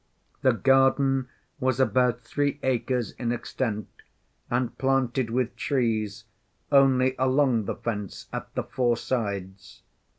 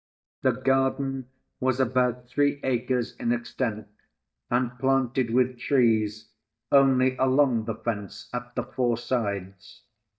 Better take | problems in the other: first | noise reduction (neural mask model DeepFilterNet 3)

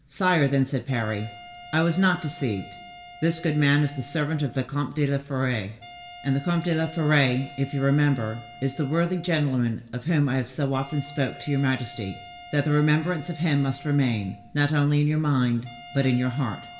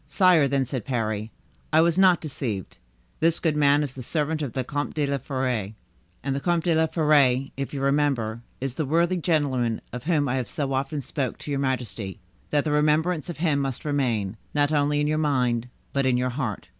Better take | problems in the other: second | background sound (Wind instrument, woodwind instrument); 20 dB below the speech // room echo; dies away in 0.7 s

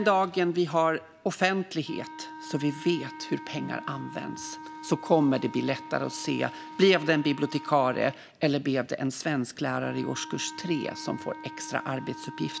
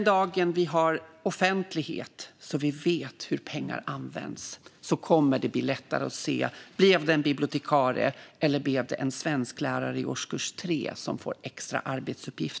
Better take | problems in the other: second | background sound (Wind instrument, woodwind instrument); 15 dB below the speech

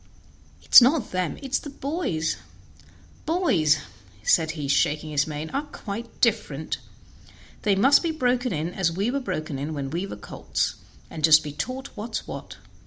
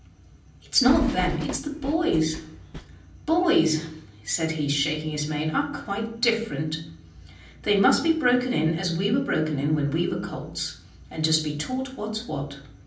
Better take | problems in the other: first | background sound (Train); 8 dB below the speech // room echo; dies away in 0.6 s

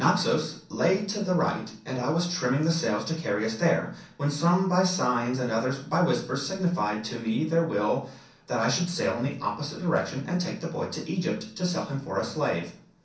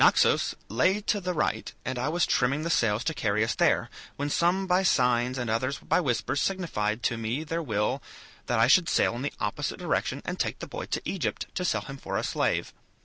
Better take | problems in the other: second | room echo; dies away in 0.6 s

